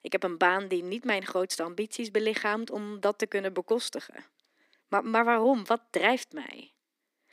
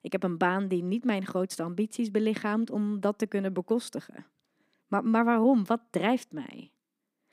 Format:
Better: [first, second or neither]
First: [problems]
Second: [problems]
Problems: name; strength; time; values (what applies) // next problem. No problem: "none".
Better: second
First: thin; somewhat; fading below 350 Hz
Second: none